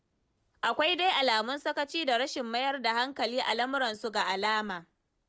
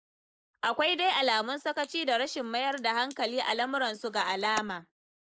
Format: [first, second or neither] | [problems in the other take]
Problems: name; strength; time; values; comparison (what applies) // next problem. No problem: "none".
first | noise reduction (neural mask model Resemble Enhance denoiser)